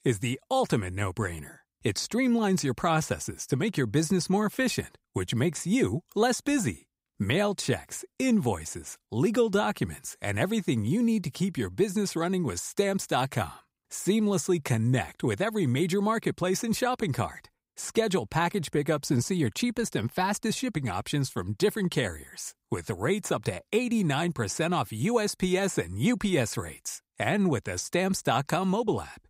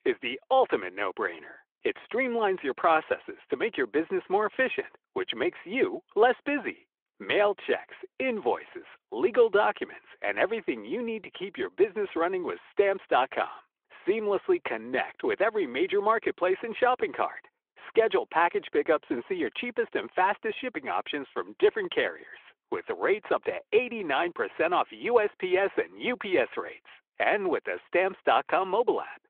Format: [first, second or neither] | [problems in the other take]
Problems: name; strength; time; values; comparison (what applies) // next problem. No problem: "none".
first | phone-call audio